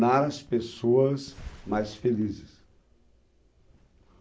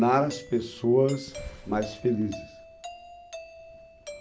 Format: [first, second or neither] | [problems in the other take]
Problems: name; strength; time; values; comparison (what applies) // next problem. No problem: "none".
first | background sound (Doorbell); 16 dB below the speech